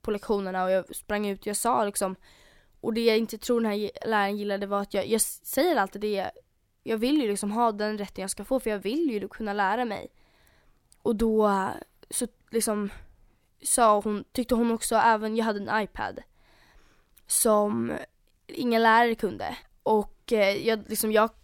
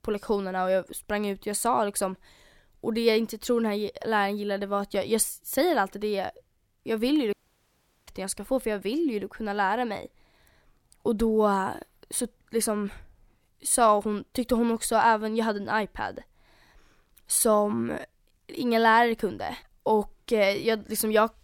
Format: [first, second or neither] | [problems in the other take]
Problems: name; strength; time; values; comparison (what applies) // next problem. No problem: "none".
first | audio cutting out; at 7.5 s for 0.5 s